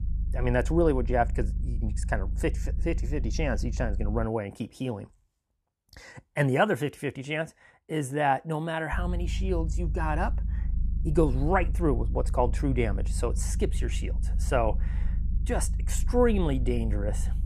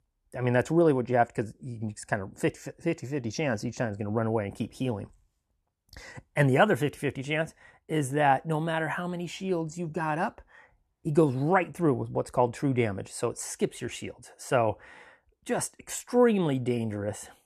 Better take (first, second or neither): second